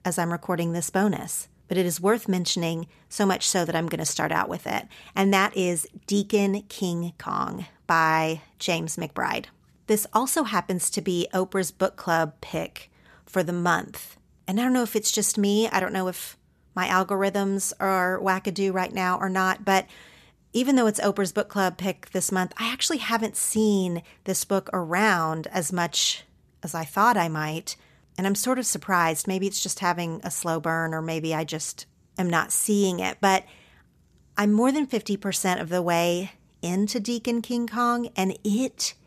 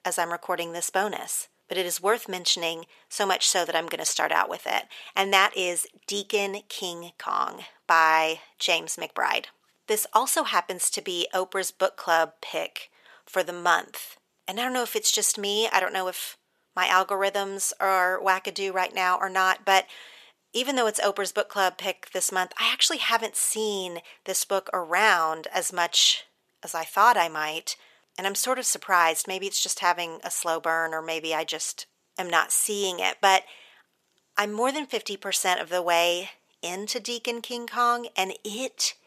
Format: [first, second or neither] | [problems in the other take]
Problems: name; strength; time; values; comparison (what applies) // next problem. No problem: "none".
first | thin; very; fading below 600 Hz